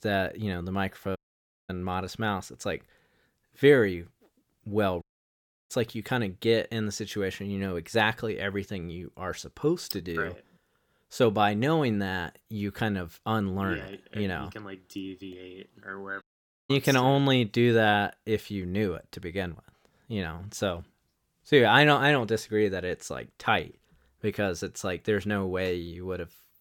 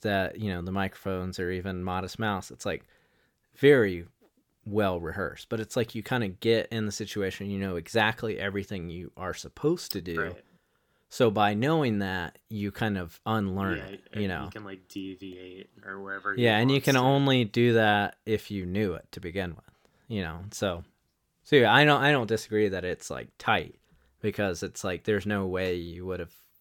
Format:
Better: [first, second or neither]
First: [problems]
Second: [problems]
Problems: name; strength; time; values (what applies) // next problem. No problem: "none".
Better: second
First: audio cutting out; at 1 s for 0.5 s, at 5 s for 0.5 s and at 16 s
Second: none